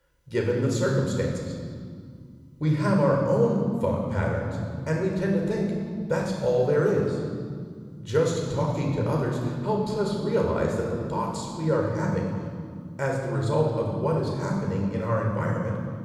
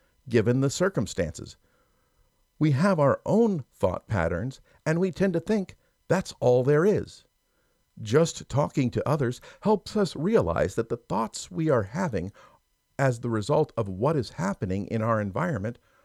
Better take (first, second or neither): second